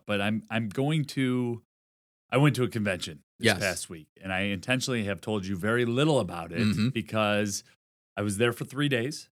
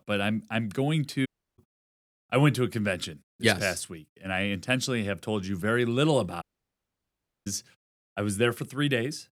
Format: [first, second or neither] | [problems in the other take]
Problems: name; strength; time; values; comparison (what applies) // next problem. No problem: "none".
first | audio cutting out; at 1.5 s and at 6.5 s for 1 s